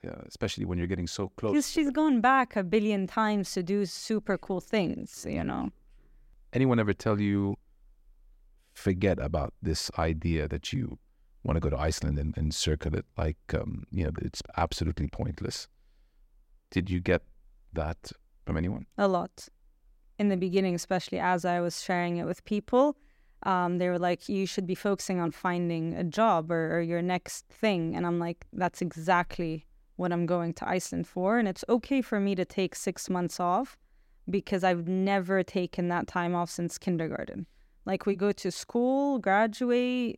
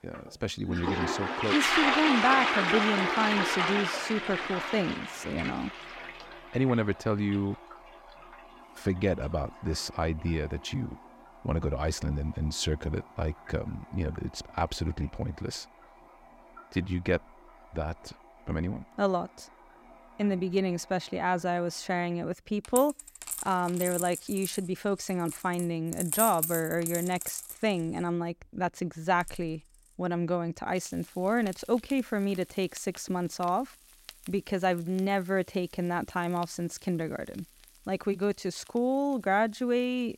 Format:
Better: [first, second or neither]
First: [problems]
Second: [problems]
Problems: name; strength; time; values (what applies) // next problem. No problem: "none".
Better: first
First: none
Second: household noises; very loud; throughout; as loud as the speech